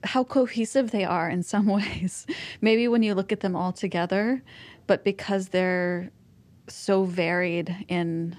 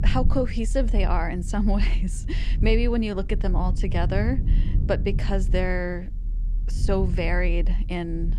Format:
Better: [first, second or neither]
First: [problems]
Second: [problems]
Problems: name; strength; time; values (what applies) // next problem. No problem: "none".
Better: first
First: none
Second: low rumble; noticeable; throughout; 15 dB below the speech